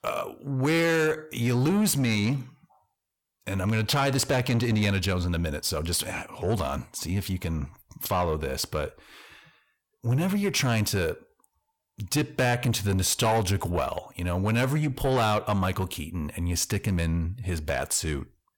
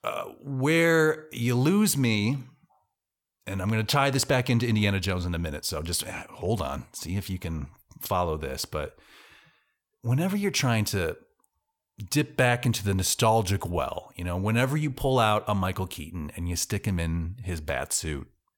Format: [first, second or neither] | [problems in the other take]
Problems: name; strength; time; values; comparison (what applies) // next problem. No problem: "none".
second | distortion; slight; 10 dB below the speech